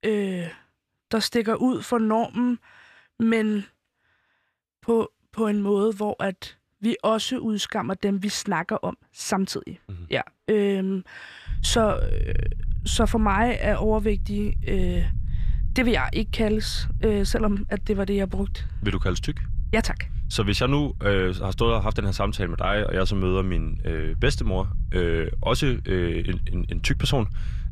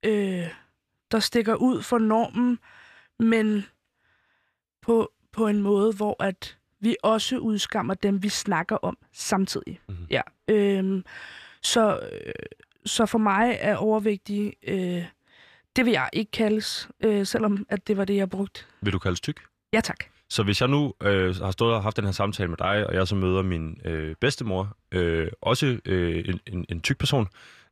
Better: second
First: low rumble; faint; from 11 s on; 25 dB below the speech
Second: none

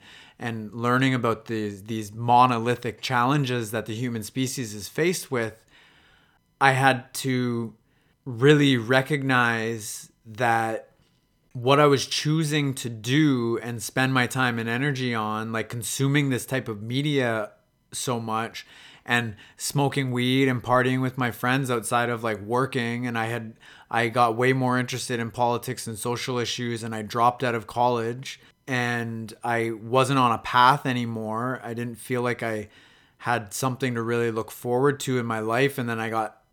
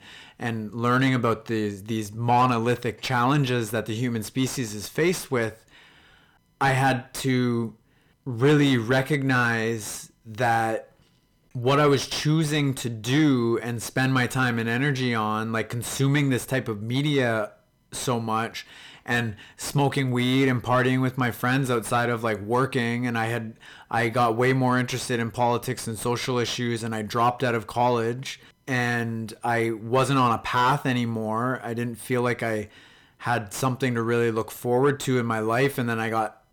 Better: first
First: none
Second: distortion; slight; 10 dB below the speech

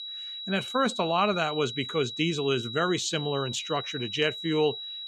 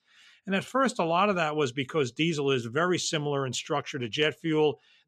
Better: second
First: high-pitched whine; loud; throughout; 4 kHz, 7 dB below the speech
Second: none

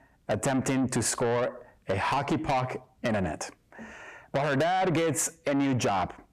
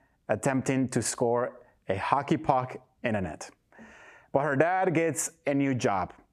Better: second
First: distortion; heavy; 7 dB below the speech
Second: none

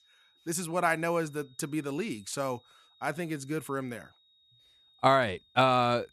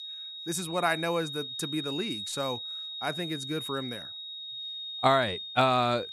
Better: first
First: high-pitched whine; faint; throughout; 3.5 kHz, 30 dB below the speech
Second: high-pitched whine; loud; throughout; 3.5 kHz, 6 dB below the speech

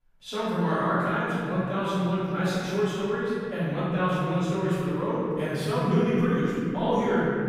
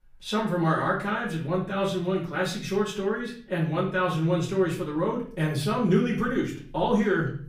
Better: second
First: room echo; strong; dies away in 2.5 s // off-mic speech; far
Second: room echo; slight; dies away in 0.4 s // off-mic speech; far

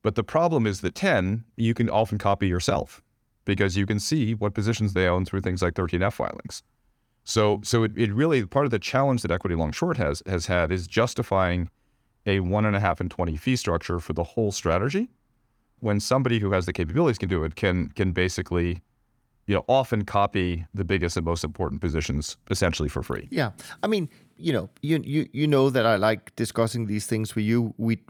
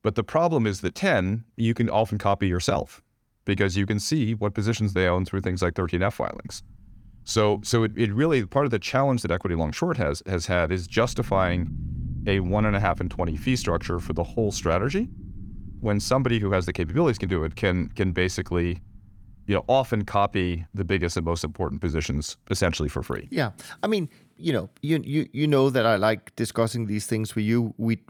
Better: first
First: none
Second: low rumble; faint; from 6.5 to 21 s; 25 dB below the speech

